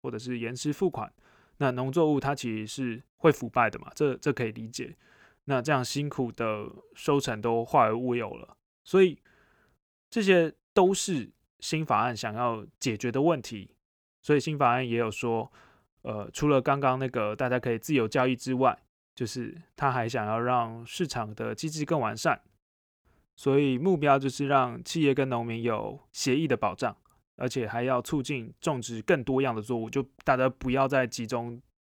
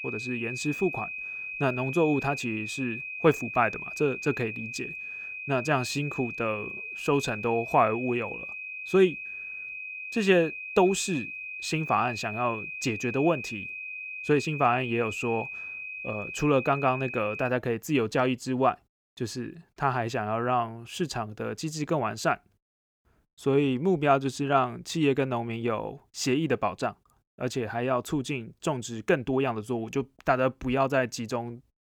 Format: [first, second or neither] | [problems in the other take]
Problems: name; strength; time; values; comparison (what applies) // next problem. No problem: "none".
first | high-pitched whine; loud; until 17 s; 2.5 kHz, 7 dB below the speech